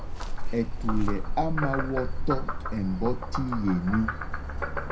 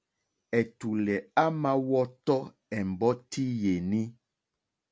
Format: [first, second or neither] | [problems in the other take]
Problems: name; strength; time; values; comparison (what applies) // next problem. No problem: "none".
second | background sound (Frog); 2 dB above the speech // room echo; dies away in 0.4 s